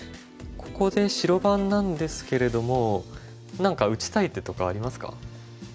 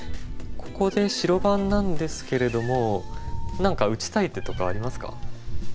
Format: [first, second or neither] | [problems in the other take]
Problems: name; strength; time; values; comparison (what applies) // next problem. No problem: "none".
first | background sound (Meow); 2 dB below the speech